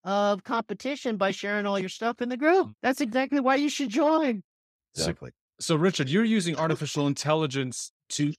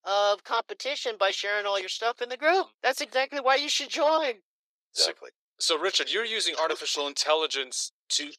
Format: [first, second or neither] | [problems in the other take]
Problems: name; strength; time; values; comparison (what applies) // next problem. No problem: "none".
first | thin; very; fading below 400 Hz